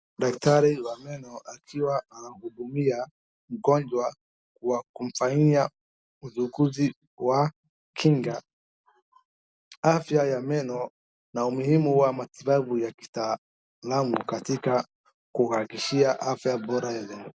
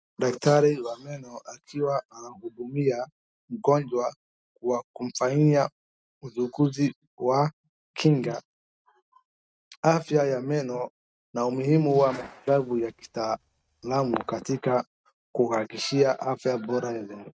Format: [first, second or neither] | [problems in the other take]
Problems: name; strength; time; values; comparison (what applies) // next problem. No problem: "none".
first | noise reduction (neural mask model RNNoise)